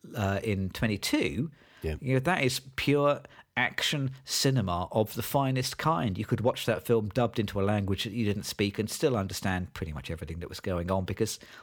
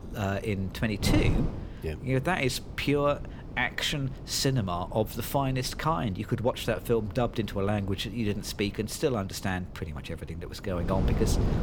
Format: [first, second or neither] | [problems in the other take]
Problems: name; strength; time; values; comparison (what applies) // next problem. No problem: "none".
first | wind noise on the microphone; occasional gusts; 15 dB below the speech